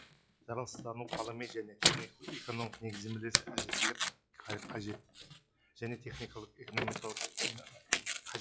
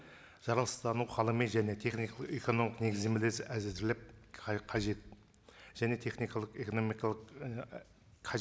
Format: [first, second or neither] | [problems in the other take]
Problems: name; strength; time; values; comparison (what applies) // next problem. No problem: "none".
second | noise reduction (classical method log-MMSE)